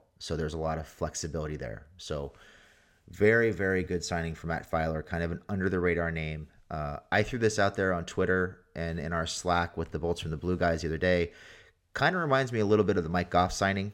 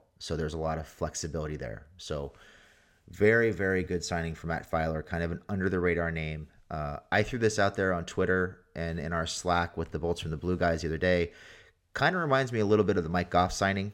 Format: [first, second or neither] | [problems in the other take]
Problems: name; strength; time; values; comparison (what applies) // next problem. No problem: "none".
neither | none